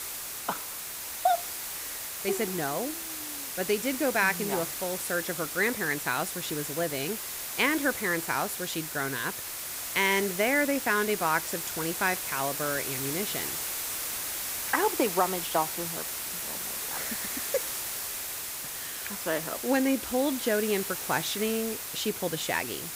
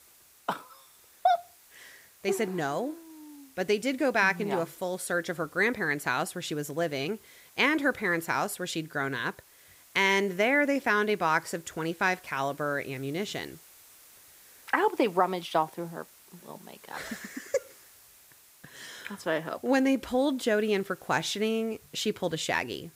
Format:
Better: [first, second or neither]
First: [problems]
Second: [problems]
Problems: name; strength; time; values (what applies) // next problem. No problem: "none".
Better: second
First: hiss; loud; throughout; 3 dB below the speech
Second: hiss; faint; throughout; 25 dB below the speech